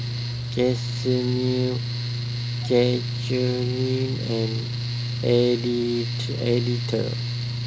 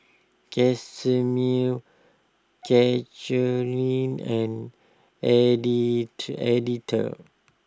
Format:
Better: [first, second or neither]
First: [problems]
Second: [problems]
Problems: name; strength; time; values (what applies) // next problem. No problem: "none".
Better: second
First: background sound (Mechanical fan); 2 dB below the speech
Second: none